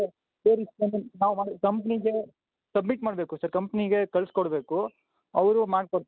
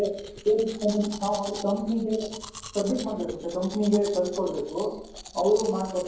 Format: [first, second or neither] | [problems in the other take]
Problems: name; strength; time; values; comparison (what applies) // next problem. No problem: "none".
first | background sound (Domestic sounds, home sounds); 15 dB below the speech // room echo; dies away in 1.2 s